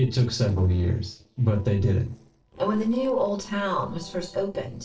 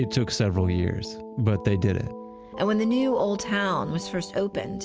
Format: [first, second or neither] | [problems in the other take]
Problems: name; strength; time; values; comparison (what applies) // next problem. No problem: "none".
second | noise reduction (neural separator model SepFormer DNS4)